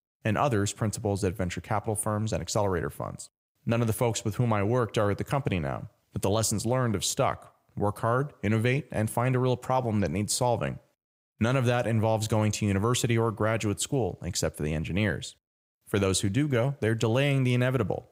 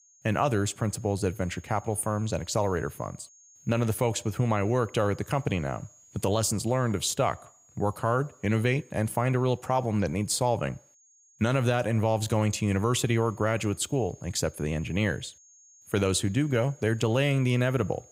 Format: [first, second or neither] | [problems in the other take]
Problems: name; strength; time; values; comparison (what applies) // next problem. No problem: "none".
first | high-pitched whine; faint; throughout; 6.5 kHz, 25 dB below the speech